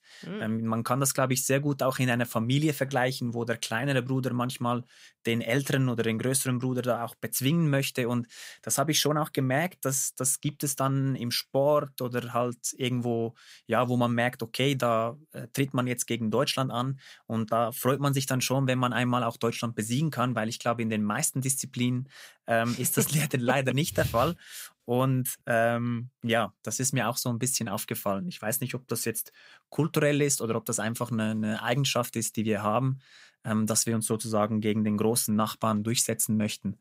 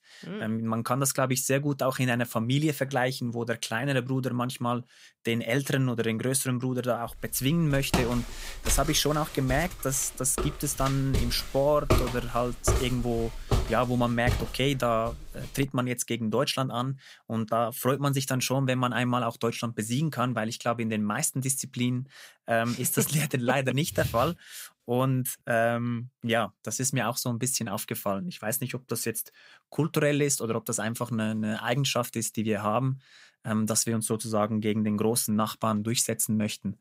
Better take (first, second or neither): first